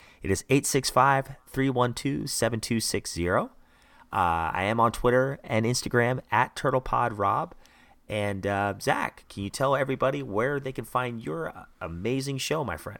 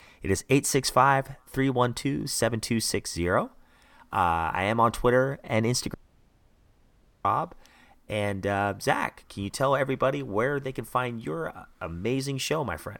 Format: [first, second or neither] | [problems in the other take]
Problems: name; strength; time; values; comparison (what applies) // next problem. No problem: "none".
first | audio cutting out; at 6 s for 1.5 s